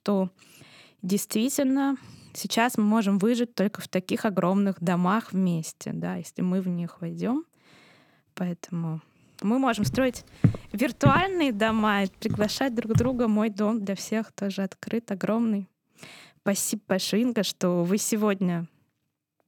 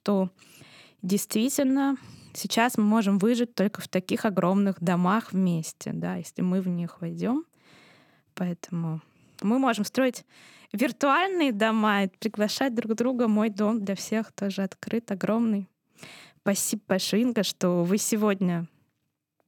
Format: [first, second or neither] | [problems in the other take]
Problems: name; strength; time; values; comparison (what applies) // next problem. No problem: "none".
second | footsteps; loud; from 10 to 13 s; peak 1 dB above the speech